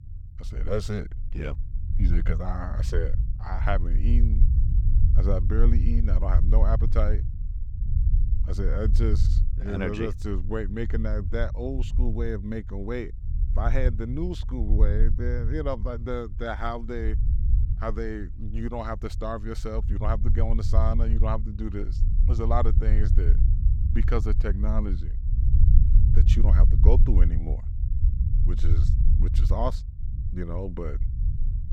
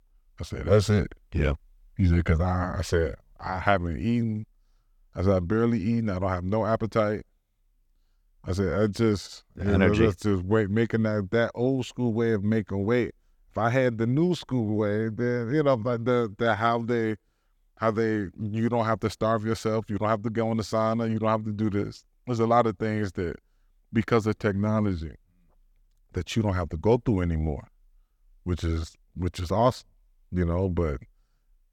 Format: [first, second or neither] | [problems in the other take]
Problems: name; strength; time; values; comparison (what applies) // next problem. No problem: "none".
second | low rumble; noticeable; throughout; 10 dB below the speech